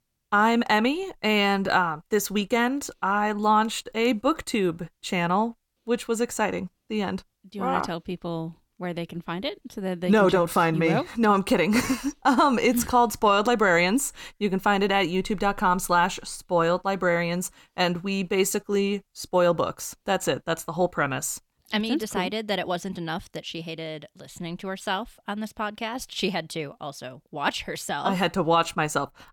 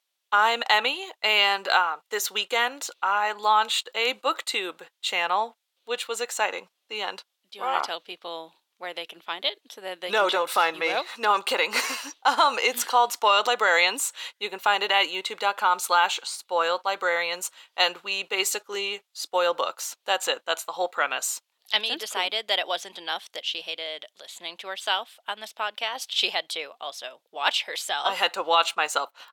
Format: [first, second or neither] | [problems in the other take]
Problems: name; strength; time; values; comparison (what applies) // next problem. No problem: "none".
first | thin; very; fading below 550 Hz